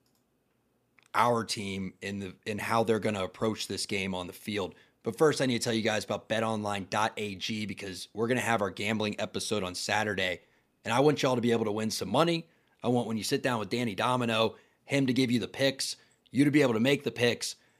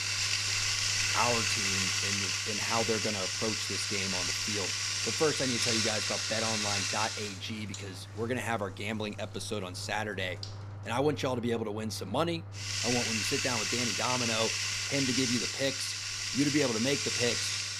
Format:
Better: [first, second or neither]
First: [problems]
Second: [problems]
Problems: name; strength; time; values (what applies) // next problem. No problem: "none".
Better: first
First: none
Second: household noises; very loud; throughout; 4 dB above the speech